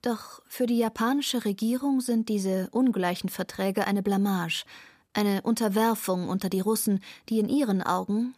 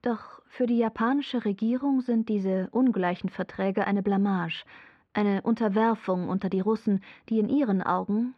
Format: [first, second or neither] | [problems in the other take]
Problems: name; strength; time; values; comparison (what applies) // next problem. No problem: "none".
first | muffled; very; fading above 2.5 kHz